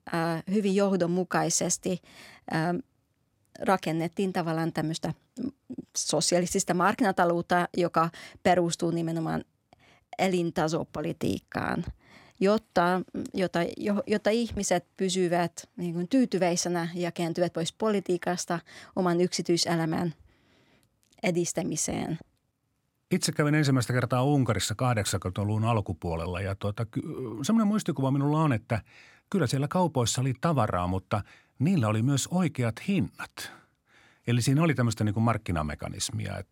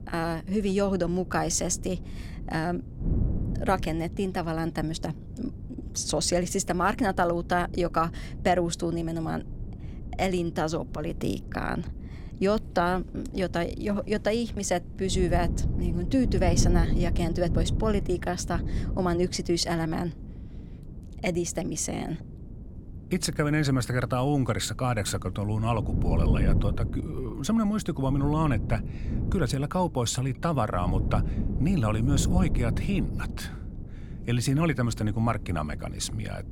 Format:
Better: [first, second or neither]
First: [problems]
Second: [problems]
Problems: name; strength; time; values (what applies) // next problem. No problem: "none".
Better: first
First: none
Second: wind noise on the microphone; occasional gusts; 15 dB below the speech